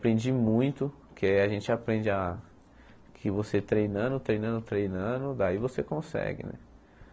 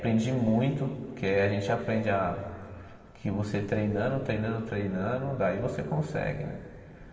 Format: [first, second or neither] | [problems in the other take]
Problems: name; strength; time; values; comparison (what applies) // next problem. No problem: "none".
first | room echo; dies away in 2.3 s